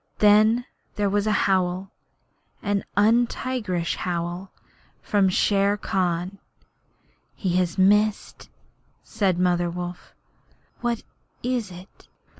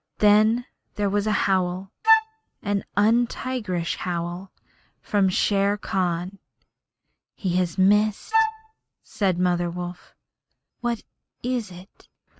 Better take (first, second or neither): first